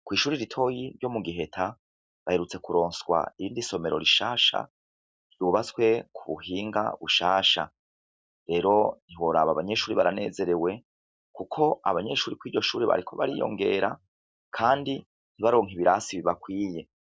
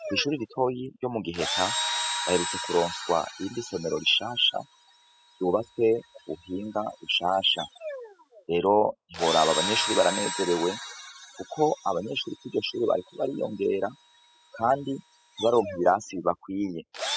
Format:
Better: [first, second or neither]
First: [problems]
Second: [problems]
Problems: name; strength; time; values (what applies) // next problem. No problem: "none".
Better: first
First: none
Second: noise reduction (classical method spectral subtraction)